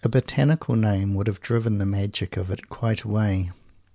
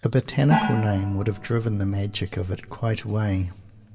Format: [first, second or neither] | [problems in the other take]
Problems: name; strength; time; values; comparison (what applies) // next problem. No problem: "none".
first | background sound (Gong); 7 dB below the speech // room echo; dies away in 1.9 s